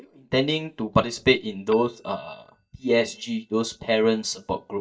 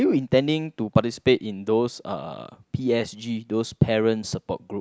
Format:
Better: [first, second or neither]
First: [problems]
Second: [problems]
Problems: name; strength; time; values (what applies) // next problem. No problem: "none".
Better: second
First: noise reduction (neural mask model DeepFilterNet 3)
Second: none